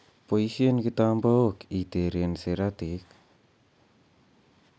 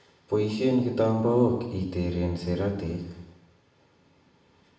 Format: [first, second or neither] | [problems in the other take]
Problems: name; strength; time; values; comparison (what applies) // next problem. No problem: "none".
first | room echo; dies away in 0.9 s